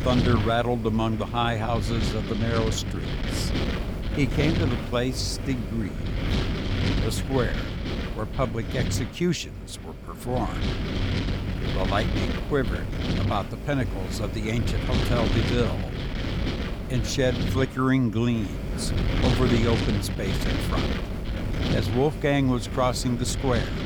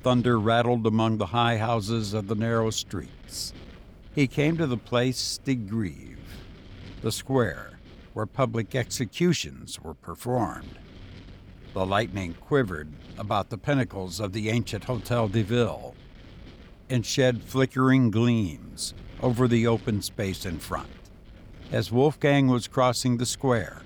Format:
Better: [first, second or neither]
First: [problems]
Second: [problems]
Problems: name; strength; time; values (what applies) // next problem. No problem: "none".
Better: second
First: wind noise on the microphone; heavy; 4 dB below the speech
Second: wind noise on the microphone; occasional gusts; 25 dB below the speech